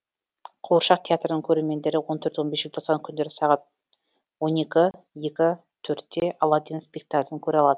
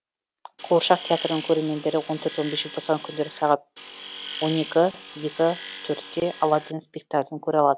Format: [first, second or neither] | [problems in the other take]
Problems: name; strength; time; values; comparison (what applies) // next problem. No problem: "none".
first | background sound (Tools); 14 dB below the speech